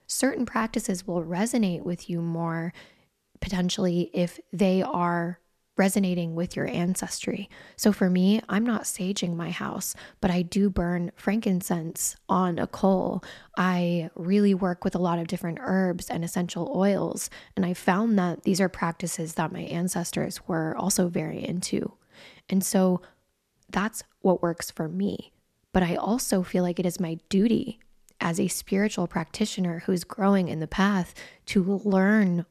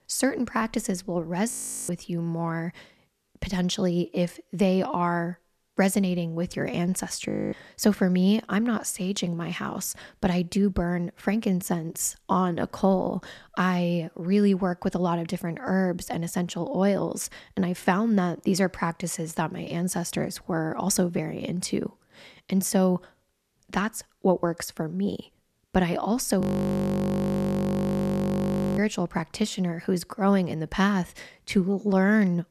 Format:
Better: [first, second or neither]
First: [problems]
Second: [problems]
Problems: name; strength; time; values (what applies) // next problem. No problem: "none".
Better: first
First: none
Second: audio freezing; at 1.5 s, at 7.5 s and at 26 s for 2.5 s